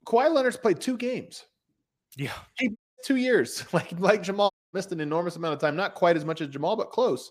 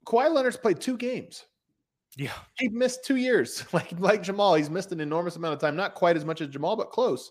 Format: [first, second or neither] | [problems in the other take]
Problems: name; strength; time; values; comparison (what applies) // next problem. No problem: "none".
second | audio cutting out; at 3 s and at 4.5 s